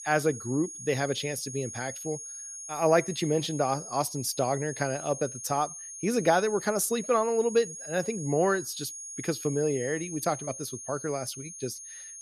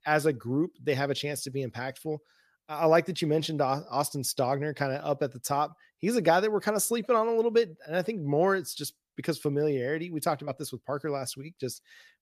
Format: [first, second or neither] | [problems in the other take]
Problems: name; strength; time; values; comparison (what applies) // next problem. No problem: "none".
second | high-pitched whine; loud; throughout; 6.5 kHz, 9 dB below the speech